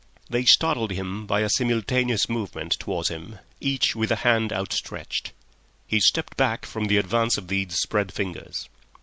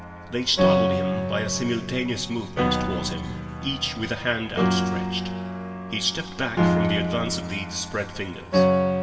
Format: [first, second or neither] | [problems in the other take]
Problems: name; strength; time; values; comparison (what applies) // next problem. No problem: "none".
first | background sound (Piano); 4 dB above the speech // room echo; dies away in 2 s